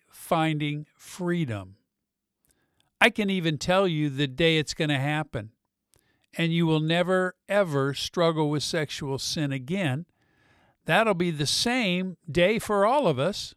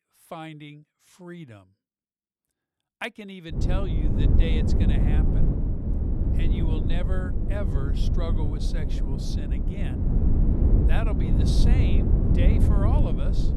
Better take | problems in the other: first | wind noise on the microphone; heavy; from 3.5 s on; 1 dB above the speech

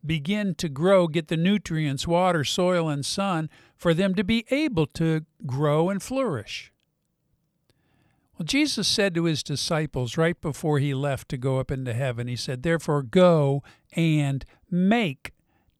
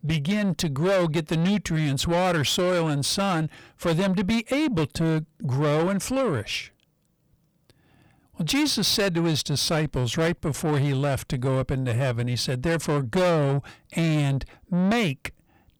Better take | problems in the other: first | distortion; heavy; 8 dB below the speech

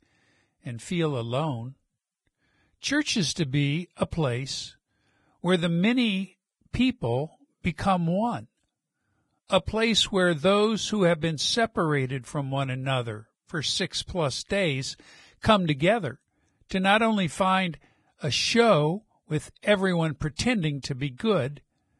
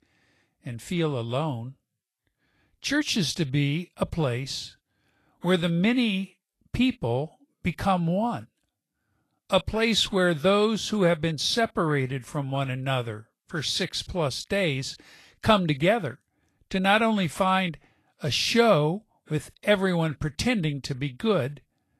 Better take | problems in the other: second | garbled, watery; badly; nothing above 10.5 kHz; slightly in the second

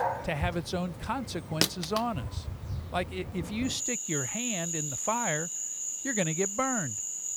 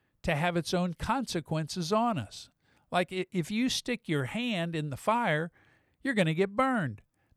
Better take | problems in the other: second | animal sounds; very loud; throughout; 1 dB above the speech

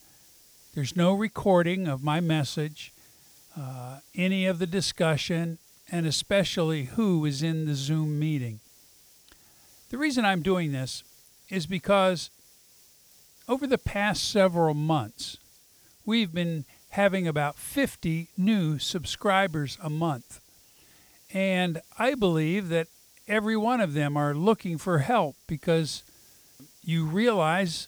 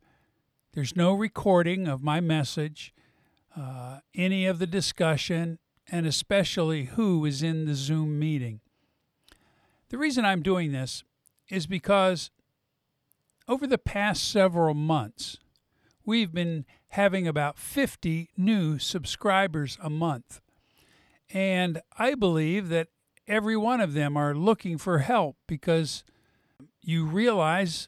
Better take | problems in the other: second | hiss; faint; throughout; 25 dB below the speech

